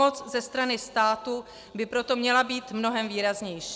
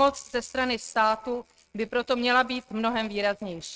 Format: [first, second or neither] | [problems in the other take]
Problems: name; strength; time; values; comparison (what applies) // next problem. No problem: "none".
first | noise reduction (neural mask model RNNoise)